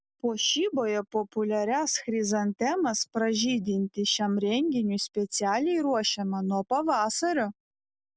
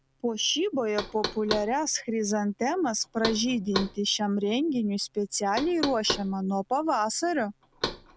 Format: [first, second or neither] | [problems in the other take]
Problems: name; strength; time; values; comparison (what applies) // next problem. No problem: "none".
first | background sound (Knock); 10 dB below the speech